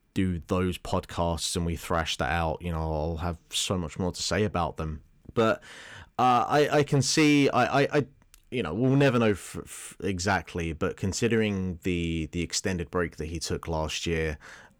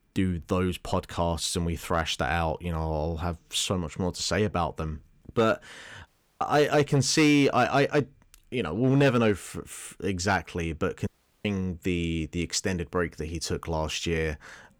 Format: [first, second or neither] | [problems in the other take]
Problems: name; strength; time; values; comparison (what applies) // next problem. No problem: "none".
first | audio cutting out; at 6 s and at 11 s